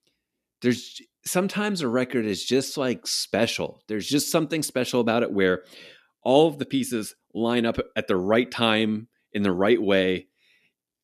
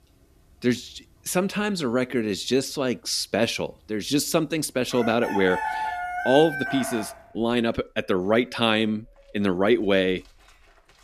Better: first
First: none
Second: animal sounds; loud; throughout; 6 dB below the speech

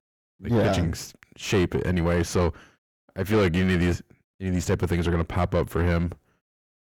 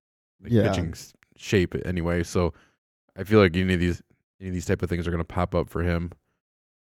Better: second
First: distortion; heavy; 7 dB below the speech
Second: none

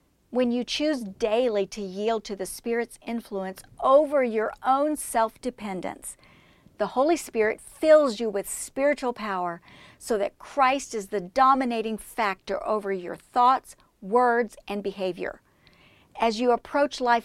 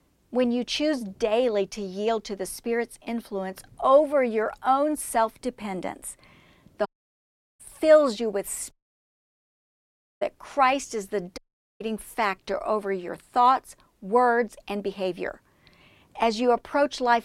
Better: first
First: none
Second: audio cutting out; at 7 s for 0.5 s, at 8.5 s for 1.5 s and at 11 s

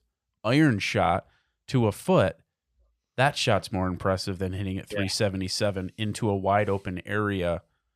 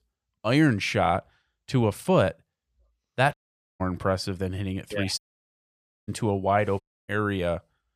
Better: first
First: none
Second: audio cutting out; at 3.5 s, at 5 s for 1 s and at 7 s

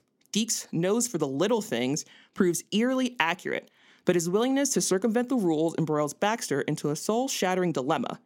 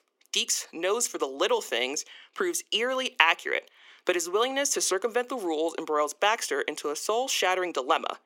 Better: first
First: none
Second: thin; very; fading below 400 Hz

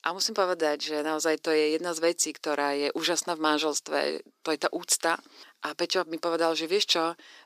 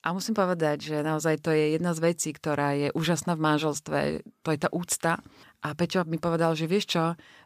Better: second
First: thin; somewhat; fading below 350 Hz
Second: none

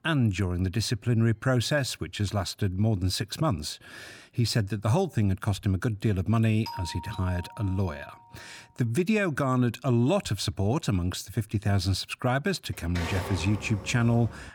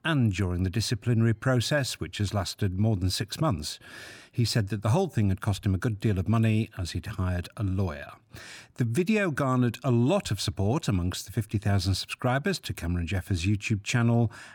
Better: second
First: doorbell; faint; from 6.5 to 8 s; peak 10 dB below the speech // keyboard typing; noticeable; from 13 s on; peak 6 dB below the speech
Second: none

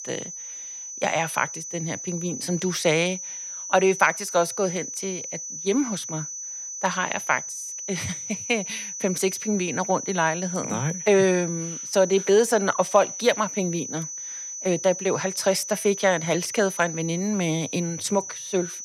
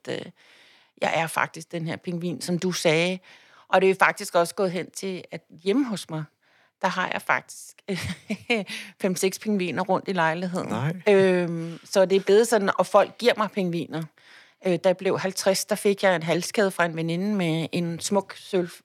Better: second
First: high-pitched whine; loud; throughout; 6 kHz, 7 dB below the speech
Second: none

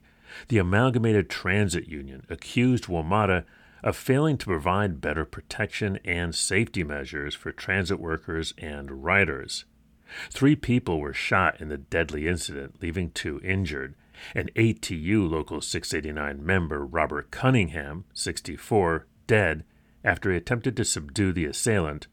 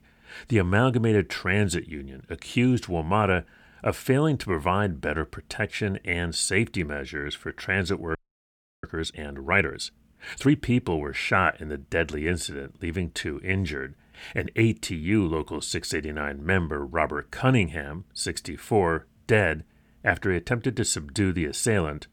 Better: first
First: none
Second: audio freezing; at 8 s for 0.5 s

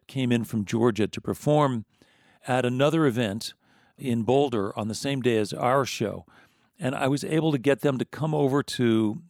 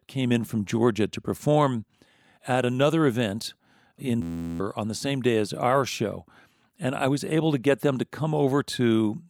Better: first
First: none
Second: audio freezing; at 4 s

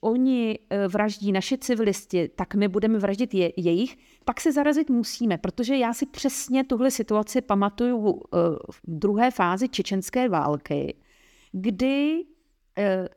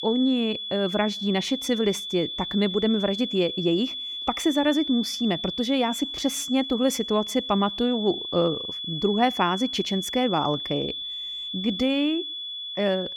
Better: first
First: none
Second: high-pitched whine; loud; throughout; 3.5 kHz, 5 dB below the speech

